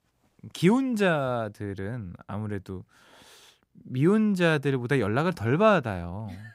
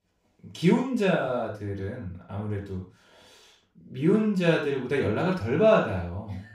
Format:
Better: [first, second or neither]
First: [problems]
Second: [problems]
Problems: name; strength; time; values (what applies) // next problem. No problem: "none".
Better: first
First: none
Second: room echo; noticeable; dies away in 0.3 s // off-mic speech; far